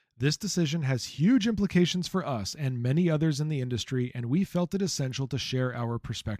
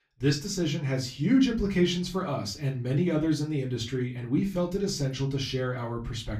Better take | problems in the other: first | off-mic speech; far // room echo; very slight; dies away in 0.2 s

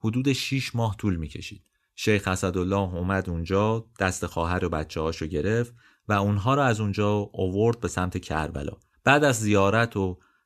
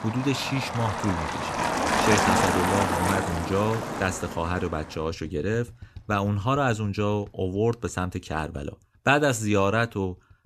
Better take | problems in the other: first | traffic noise; very loud; throughout; as loud as the speech

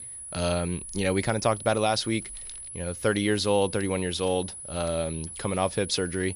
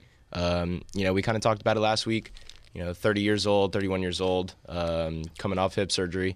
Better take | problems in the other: second | high-pitched whine; loud; throughout; 10 kHz, 10 dB below the speech

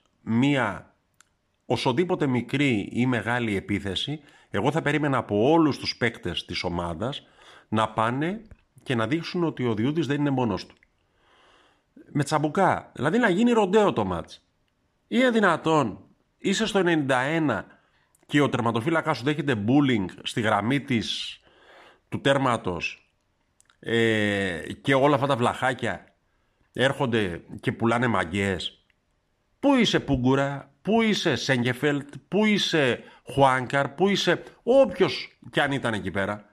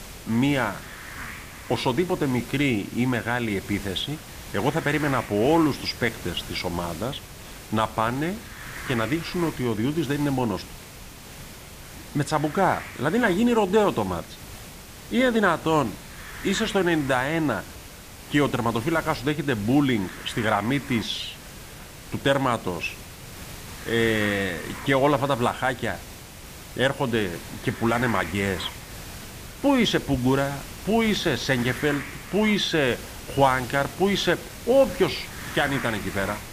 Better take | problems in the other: first | hiss; noticeable; throughout; 15 dB below the speech

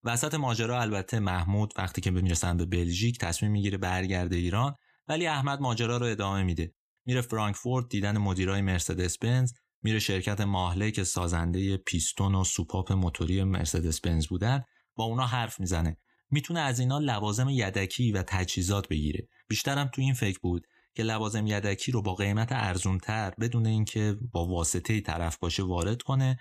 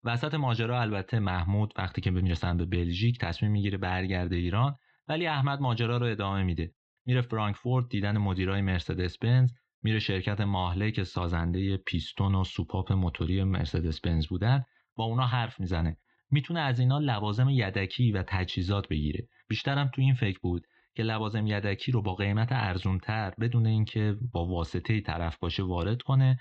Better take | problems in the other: first | muffled; slightly; fading above 4 kHz

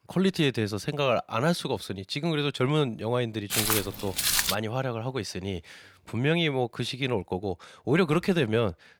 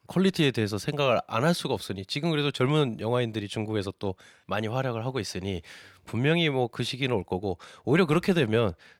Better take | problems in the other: second | footsteps; loud; from 3.5 to 4.5 s; peak 5 dB above the speech

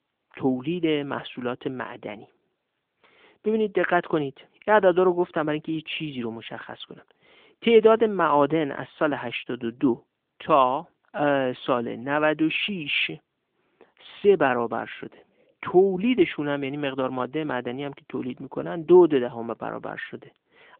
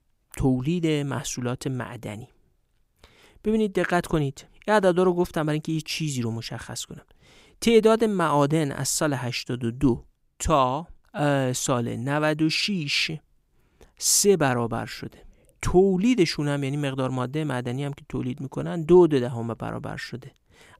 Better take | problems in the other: second | phone-call audio; nothing above 3.5 kHz

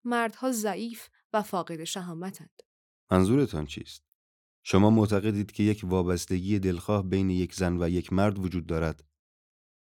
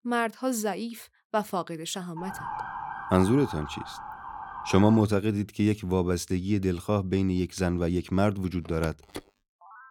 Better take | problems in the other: first | siren; noticeable; from 2 to 5 s; peak 8 dB below the speech // phone ringing; faint; from 8.5 s on; peak 15 dB below the speech

